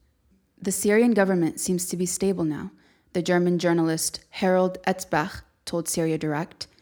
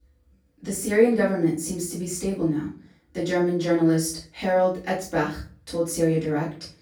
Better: first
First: none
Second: off-mic speech; far // room echo; slight; dies away in 0.3 s

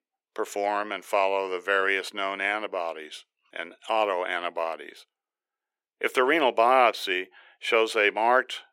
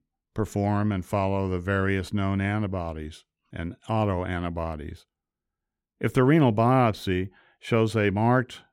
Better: second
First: thin; very; fading below 450 Hz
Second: none

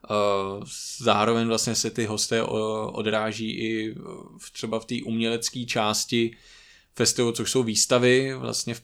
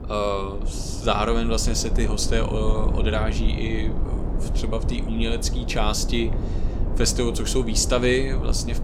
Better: first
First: none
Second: low rumble; noticeable; throughout; 10 dB below the speech

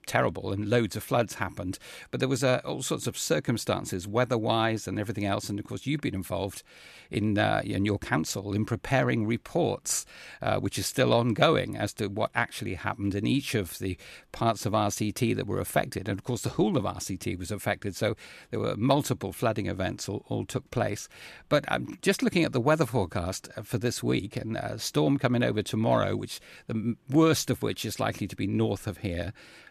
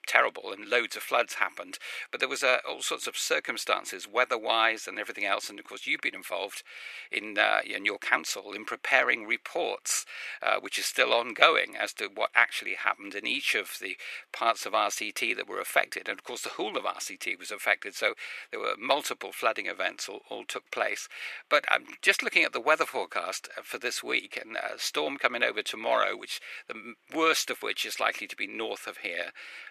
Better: first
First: none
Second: thin; very; fading below 450 Hz

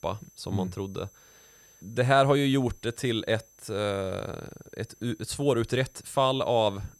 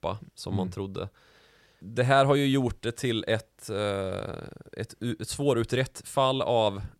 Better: second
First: high-pitched whine; faint; throughout; 6 kHz, 30 dB below the speech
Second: none

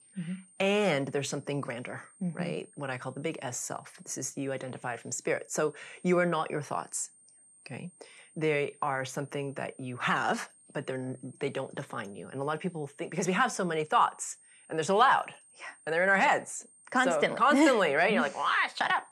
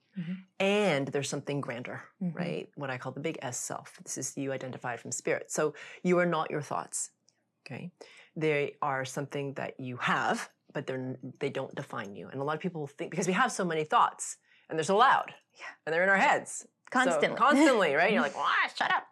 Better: second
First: high-pitched whine; faint; throughout; 8.5 kHz, 25 dB below the speech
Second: none

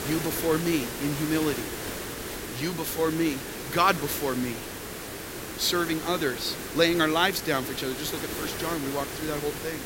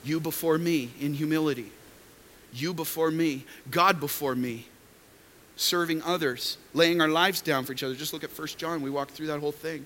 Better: second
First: hiss; loud; throughout; 6 dB below the speech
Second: hiss; faint; throughout; 25 dB below the speech

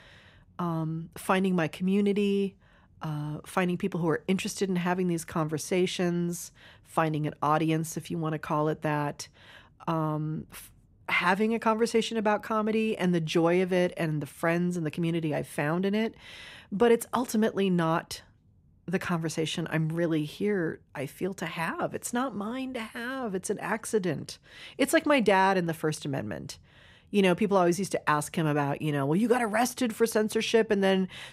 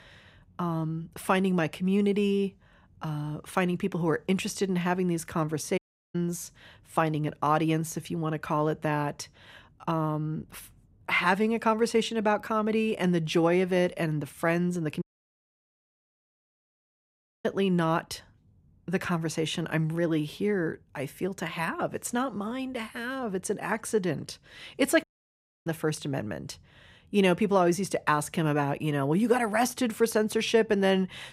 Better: first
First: none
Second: audio cutting out; at 6 s, at 15 s for 2.5 s and at 25 s for 0.5 s

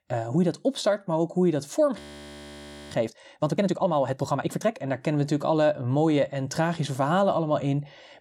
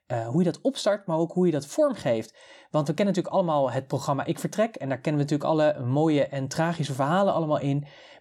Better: second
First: audio freezing; at 2 s for 1 s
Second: none

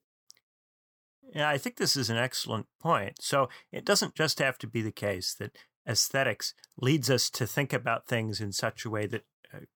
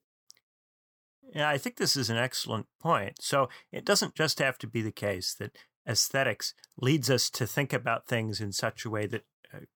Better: neither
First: none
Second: none

